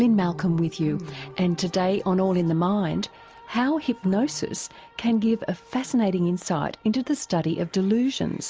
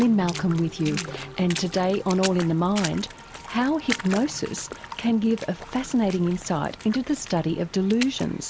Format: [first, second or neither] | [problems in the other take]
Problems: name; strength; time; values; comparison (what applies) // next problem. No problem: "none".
first | background sound (Water / Splash, splatter); 13 dB below the speech